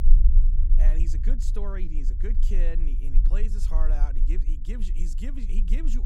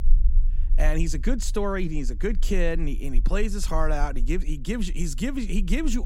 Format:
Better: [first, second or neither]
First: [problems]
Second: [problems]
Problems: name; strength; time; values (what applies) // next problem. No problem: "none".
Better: second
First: low rumble; loud; throughout; 8 dB below the speech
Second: low rumble; faint; throughout; 25 dB below the speech